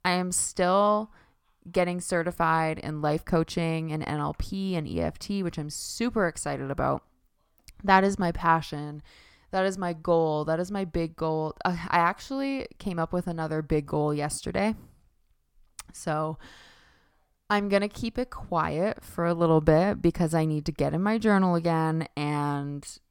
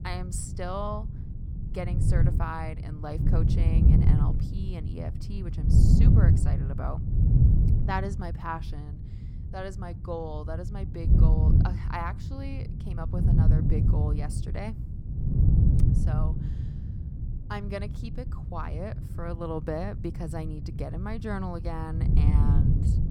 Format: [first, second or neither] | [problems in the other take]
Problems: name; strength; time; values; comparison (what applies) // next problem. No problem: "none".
first | wind noise on the microphone; heavy; 2 dB below the speech